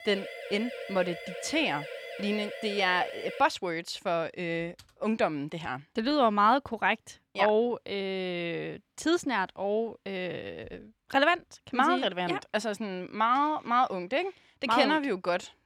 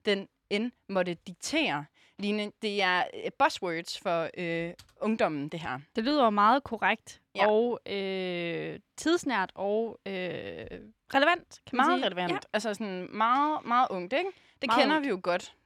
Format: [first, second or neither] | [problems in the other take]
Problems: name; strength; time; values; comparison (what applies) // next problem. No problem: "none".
second | siren; noticeable; until 3.5 s; peak 10 dB below the speech